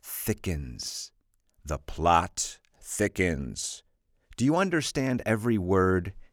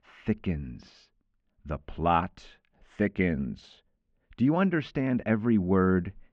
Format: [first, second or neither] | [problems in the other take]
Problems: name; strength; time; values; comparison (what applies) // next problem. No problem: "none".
first | muffled; very; fading above 3 kHz